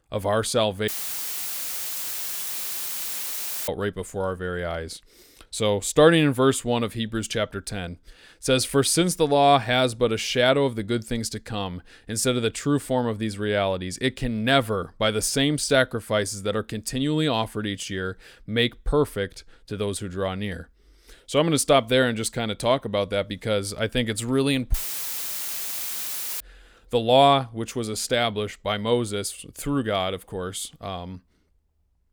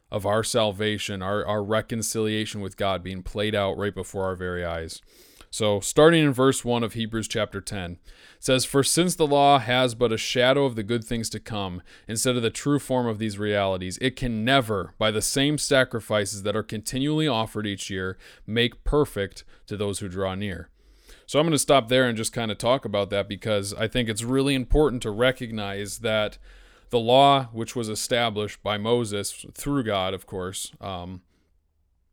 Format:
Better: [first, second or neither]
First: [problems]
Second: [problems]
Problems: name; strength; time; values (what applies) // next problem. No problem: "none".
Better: second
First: audio cutting out; filled with static; at 1 s for 3 s and at 25 s for 1.5 s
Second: none